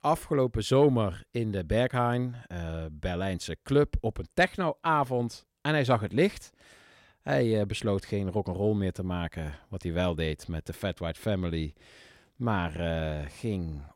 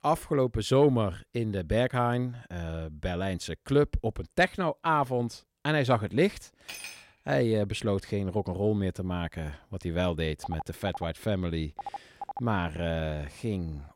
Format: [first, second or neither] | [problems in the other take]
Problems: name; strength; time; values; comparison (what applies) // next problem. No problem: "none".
first | clattering dishes; faint; at 6.5 s; peak 10 dB below the speech // phone ringing; faint; from 10 to 12 s; peak 10 dB below the speech